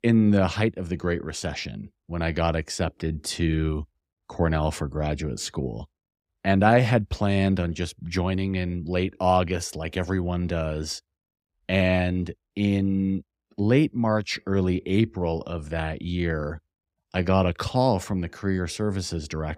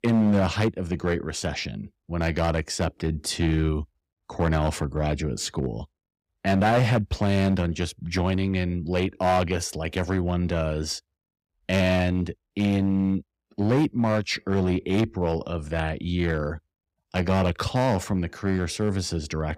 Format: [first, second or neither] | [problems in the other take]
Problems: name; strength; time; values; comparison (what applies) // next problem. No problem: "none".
first | distortion; slight; 5% of the sound clipped